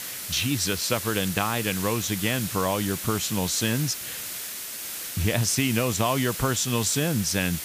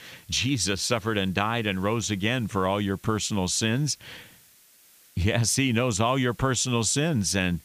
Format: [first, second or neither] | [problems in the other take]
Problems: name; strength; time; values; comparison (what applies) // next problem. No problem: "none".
second | hiss; loud; throughout; 6 dB below the speech; faint in the second